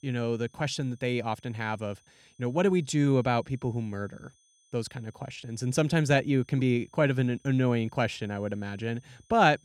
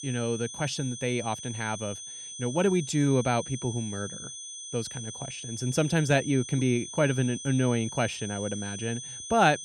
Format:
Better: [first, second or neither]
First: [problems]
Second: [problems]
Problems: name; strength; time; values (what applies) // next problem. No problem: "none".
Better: first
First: high-pitched whine; faint; throughout; 6 kHz, 35 dB below the speech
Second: high-pitched whine; loud; throughout; 6 kHz, 9 dB below the speech